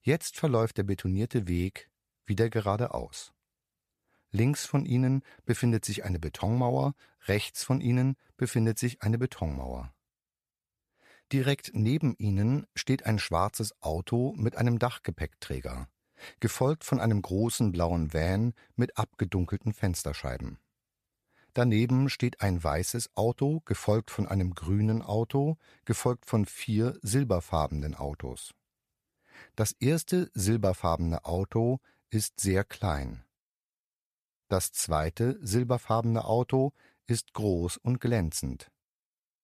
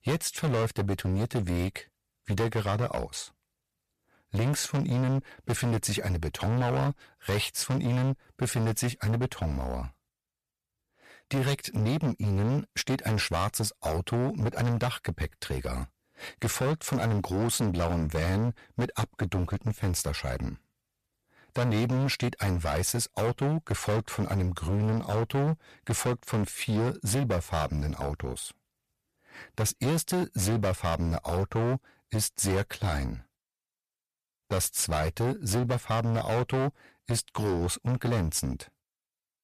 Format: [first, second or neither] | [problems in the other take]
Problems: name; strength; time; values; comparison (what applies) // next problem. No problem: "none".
first | distortion; heavy; 17% of the sound clipped